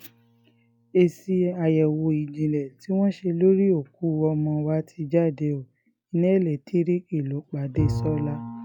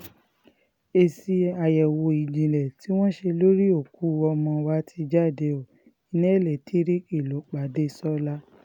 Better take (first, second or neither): second